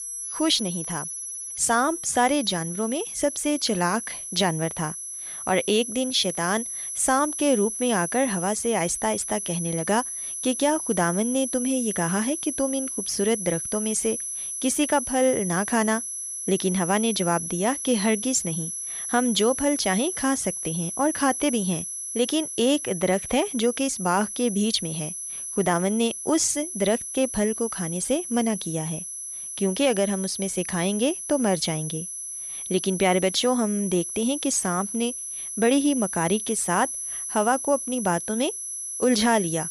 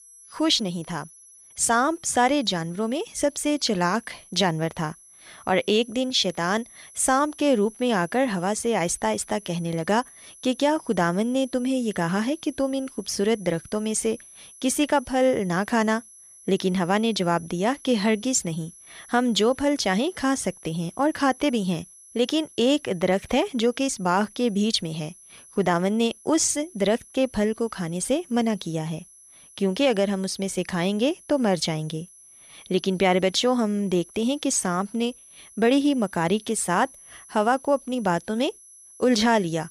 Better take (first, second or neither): second